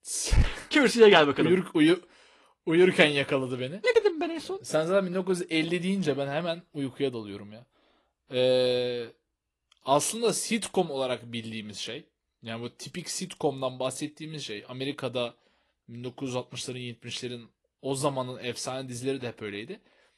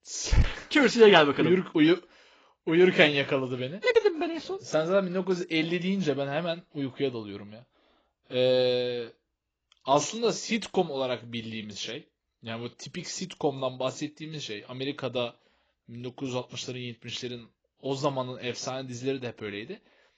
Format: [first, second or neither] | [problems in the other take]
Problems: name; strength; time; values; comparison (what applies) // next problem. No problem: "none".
first | garbled, watery; badly; nothing above 7.5 kHz; slightly in the first